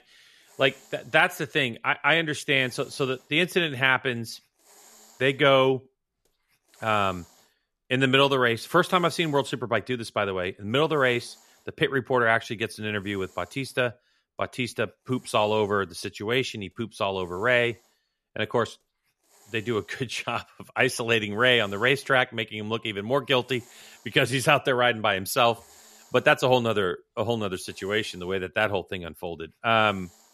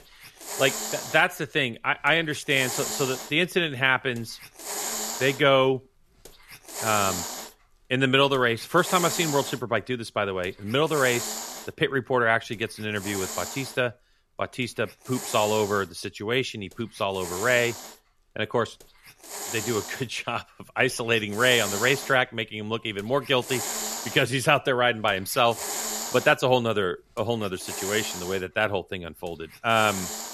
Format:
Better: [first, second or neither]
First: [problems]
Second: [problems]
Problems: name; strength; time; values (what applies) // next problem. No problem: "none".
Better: first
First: hiss; faint; throughout; 30 dB below the speech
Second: hiss; loud; throughout; 7 dB below the speech